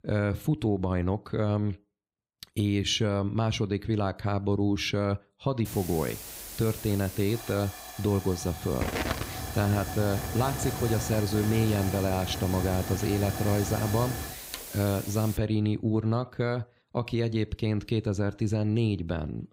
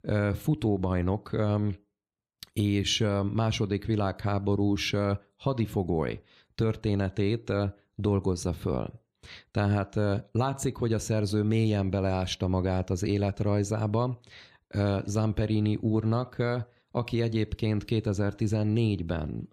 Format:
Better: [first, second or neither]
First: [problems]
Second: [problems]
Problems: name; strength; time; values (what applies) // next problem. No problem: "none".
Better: second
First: hiss; loud; from 5.5 to 15 s; 7 dB below the speech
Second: none